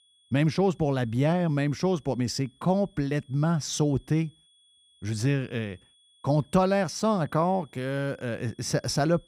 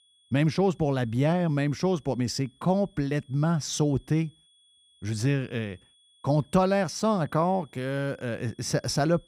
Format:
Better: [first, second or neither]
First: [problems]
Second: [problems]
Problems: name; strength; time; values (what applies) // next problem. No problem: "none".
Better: neither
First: high-pitched whine; faint; throughout; 3.5 kHz, 35 dB below the speech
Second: high-pitched whine; faint; throughout; 3.5 kHz, 35 dB below the speech